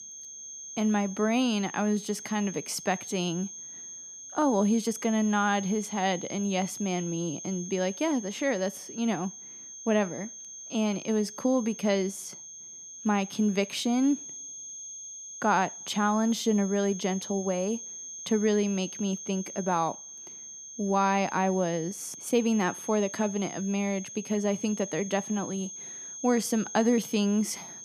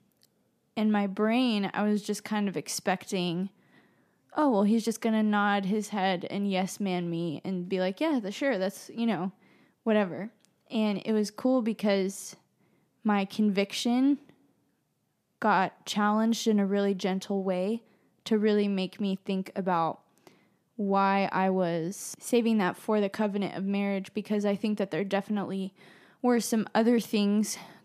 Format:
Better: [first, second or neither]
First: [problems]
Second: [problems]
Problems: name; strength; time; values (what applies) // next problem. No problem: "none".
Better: second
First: high-pitched whine; noticeable; throughout; 6.5 kHz, 10 dB below the speech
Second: none